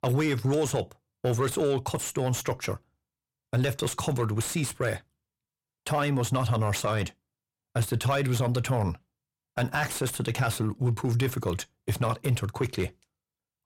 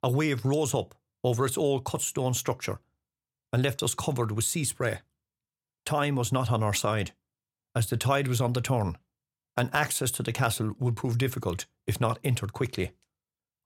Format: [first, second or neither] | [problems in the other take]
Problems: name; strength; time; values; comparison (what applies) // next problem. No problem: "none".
second | distortion; slight; 10 dB below the speech